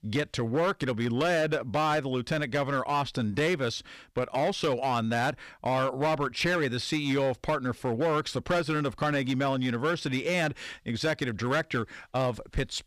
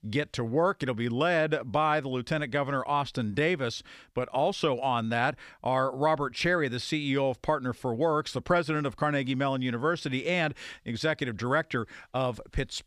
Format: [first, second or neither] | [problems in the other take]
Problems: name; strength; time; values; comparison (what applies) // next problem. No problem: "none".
second | distortion; slight; 10% of the sound clipped